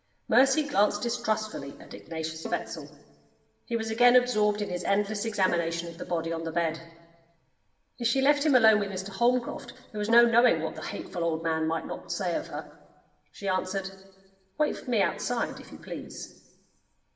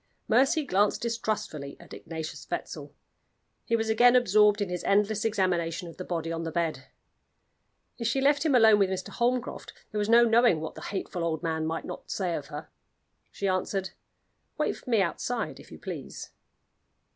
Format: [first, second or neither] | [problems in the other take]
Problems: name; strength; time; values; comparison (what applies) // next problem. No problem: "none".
second | background sound (Bowed string instrument); 18 dB below the speech // room echo; dies away in 1.1 s